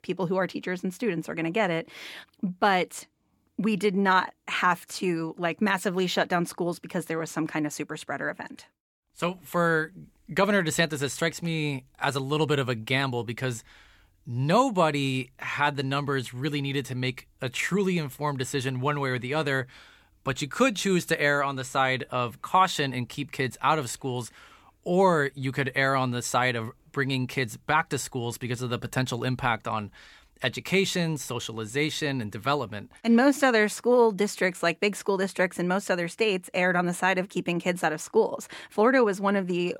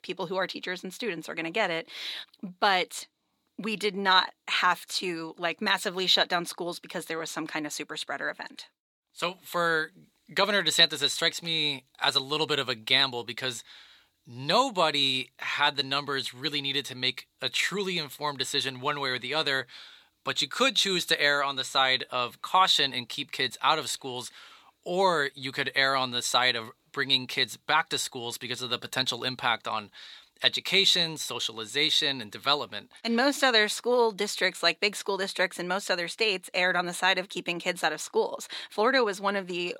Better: first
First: none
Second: thin; somewhat; fading below 1 kHz

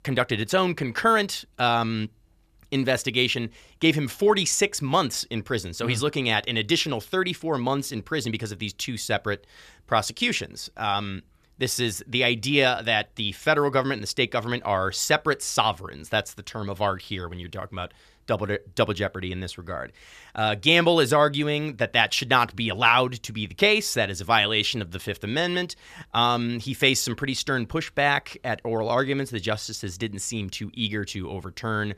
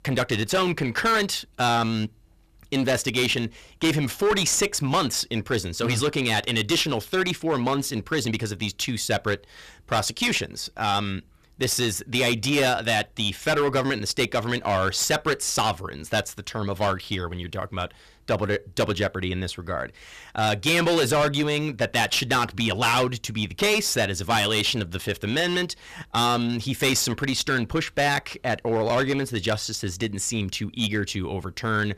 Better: first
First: none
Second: distortion; heavy; 10% of the sound clipped

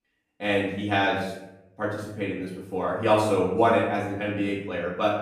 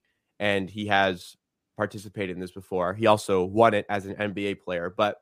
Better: second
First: off-mic speech; far // room echo; noticeable; dies away in 0.7 s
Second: none

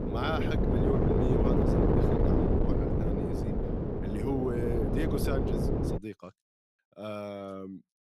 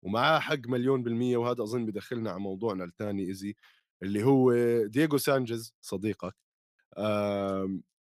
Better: second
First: wind noise on the microphone; heavy; until 6 s; 5 dB above the speech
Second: none

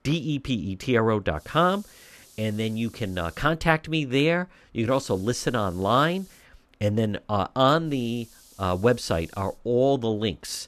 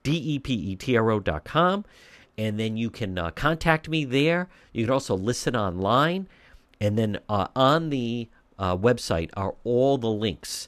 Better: second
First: hiss; faint; from 1.5 to 3.5 s, from 5 to 6.5 s and from 8 to 9.5 s; 25 dB below the speech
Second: none

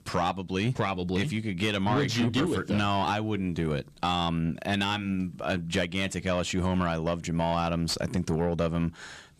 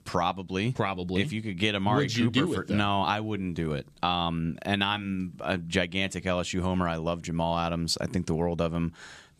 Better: second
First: distortion; slight; 10 dB below the speech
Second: none

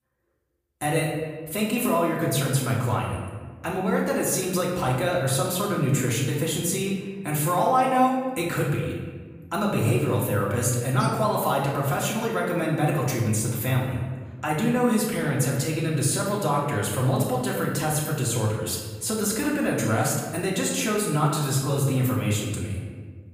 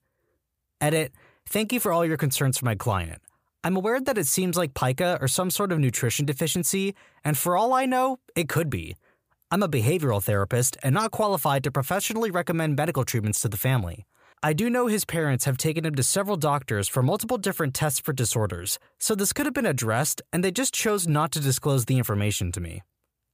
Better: second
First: off-mic speech; far // room echo; noticeable; dies away in 1.3 s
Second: none

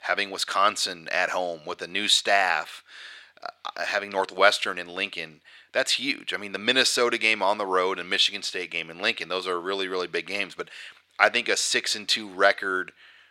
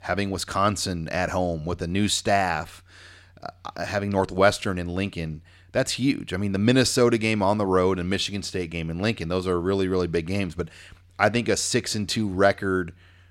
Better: second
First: thin; very; fading below 450 Hz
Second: none

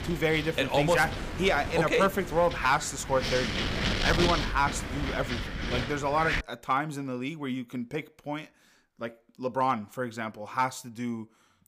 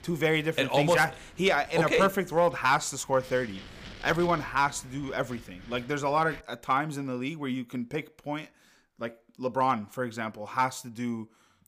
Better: second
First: wind noise on the microphone; heavy; until 6.5 s; 5 dB below the speech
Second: wind noise on the microphone; occasional gusts; until 6.5 s; 20 dB below the speech

